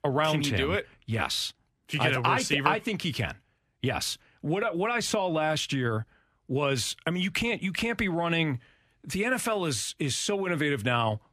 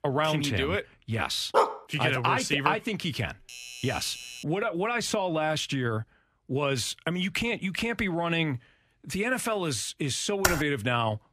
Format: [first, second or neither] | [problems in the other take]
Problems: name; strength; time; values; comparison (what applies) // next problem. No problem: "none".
first | dog barking; loud; at 1.5 s; peak 3 dB above the speech // doorbell; faint; from 3.5 to 4.5 s; peak 10 dB below the speech // keyboard typing; loud; at 10 s; peak 1 dB above the speech